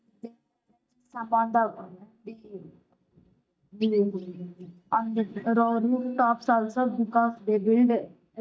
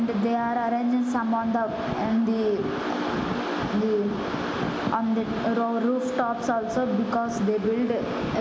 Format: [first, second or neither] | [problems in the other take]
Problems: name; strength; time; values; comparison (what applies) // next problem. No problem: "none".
second | noise reduction (neural mask model DeepFilterNet 3)